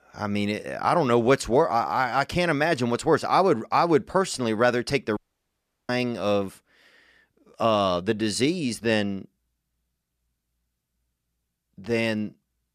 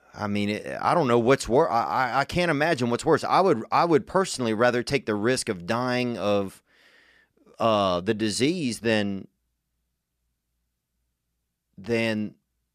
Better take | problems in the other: second | audio cutting out; at 5 s for 0.5 s

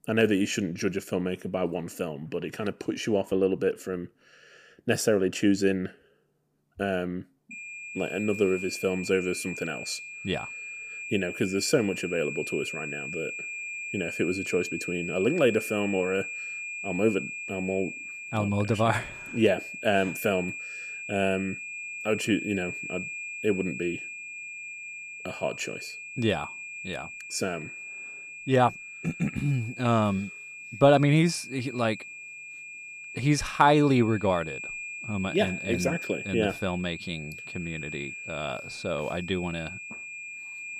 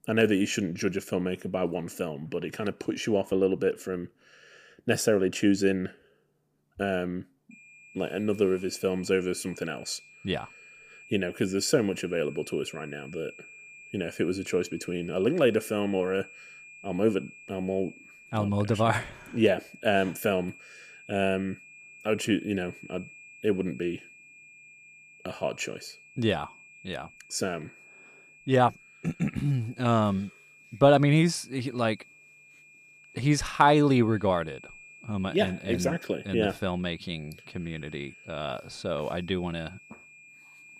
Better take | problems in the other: second | high-pitched whine; loud; from 7.5 s on; 2.5 kHz, 8 dB below the speech; faint in the second

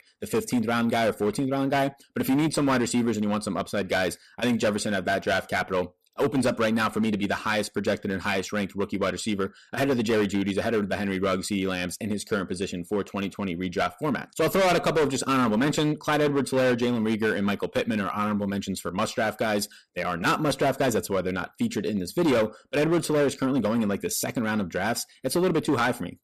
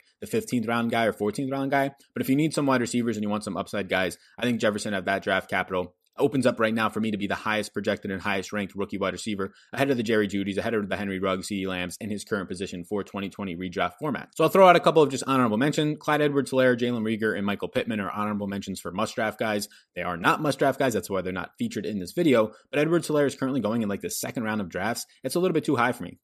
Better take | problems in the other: second | distortion; heavy; 9% of the sound clipped

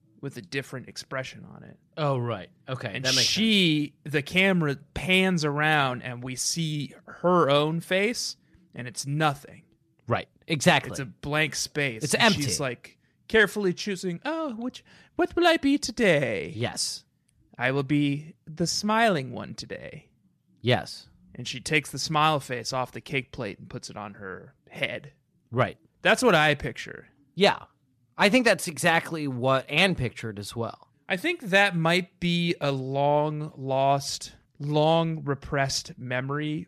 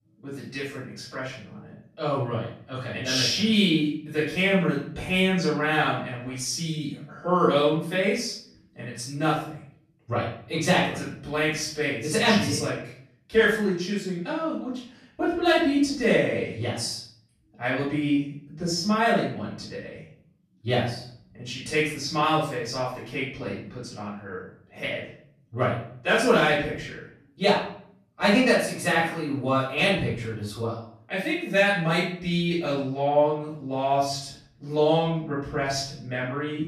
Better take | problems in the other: first | off-mic speech; far // room echo; noticeable; dies away in 0.5 s

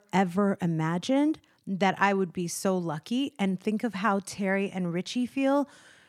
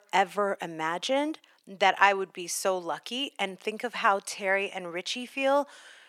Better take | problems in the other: first | thin; very; fading below 600 Hz

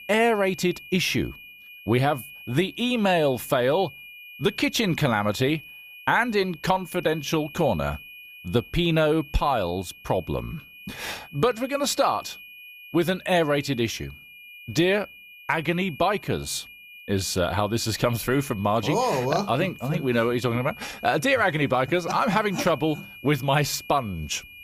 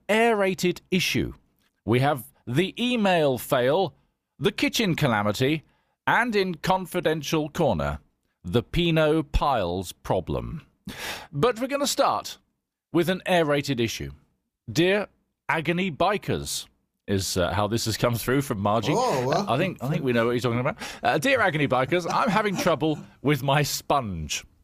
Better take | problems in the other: second | high-pitched whine; noticeable; throughout; 2.5 kHz, 20 dB below the speech

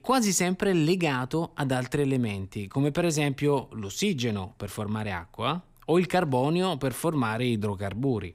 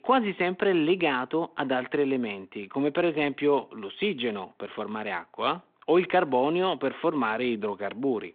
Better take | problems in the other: first | phone-call audio

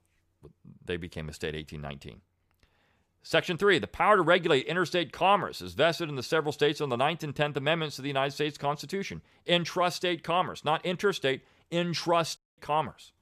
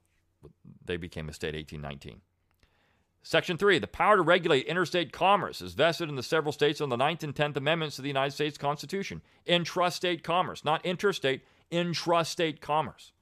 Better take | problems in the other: second | audio cutting out; at 12 s

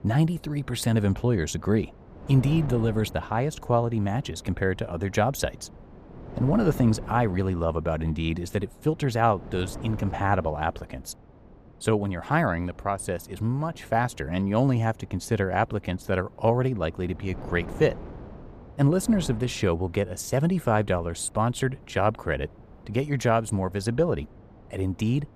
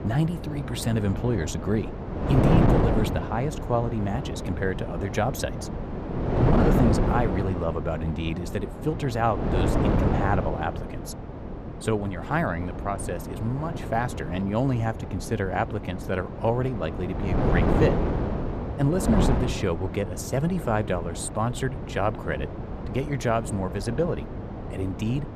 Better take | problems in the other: first | wind noise on the microphone; heavy; 3 dB below the speech; occasional gusts in the first

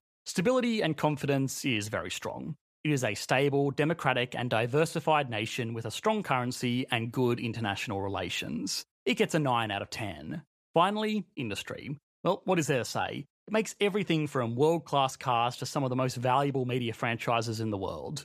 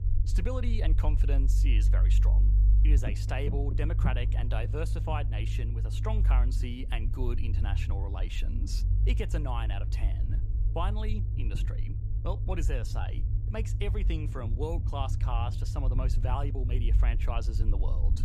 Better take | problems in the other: first | low rumble; loud; throughout; 8 dB below the speech

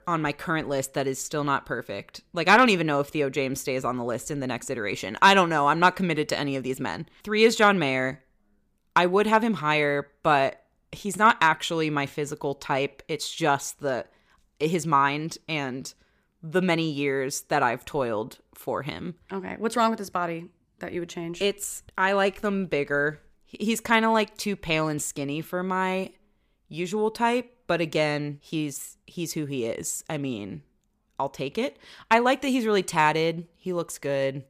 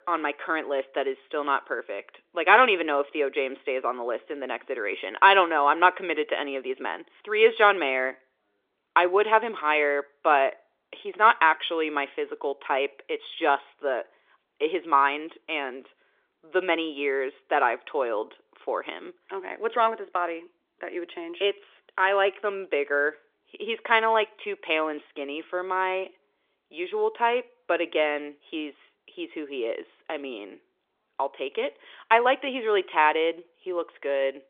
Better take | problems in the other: first | phone-call audio; nothing above 3.5 kHz

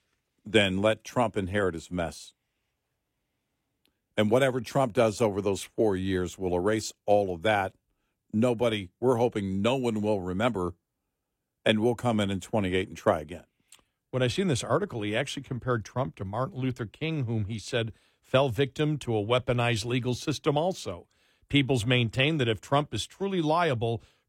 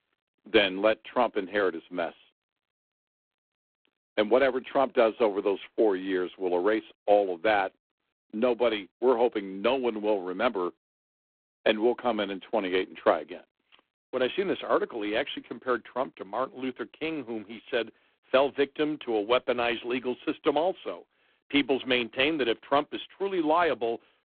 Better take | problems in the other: first | phone-call audio; poor line

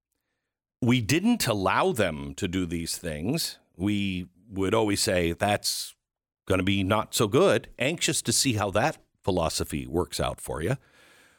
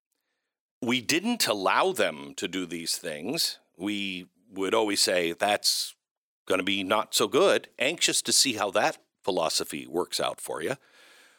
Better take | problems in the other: first | thin; very slightly; fading below 300 Hz

